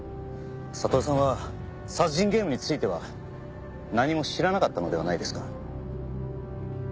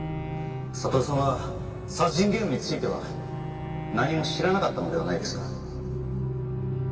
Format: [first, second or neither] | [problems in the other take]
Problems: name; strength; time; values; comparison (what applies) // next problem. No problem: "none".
first | background sound (Bowed string instrument); 12 dB below the speech // room echo; dies away in 2.3 s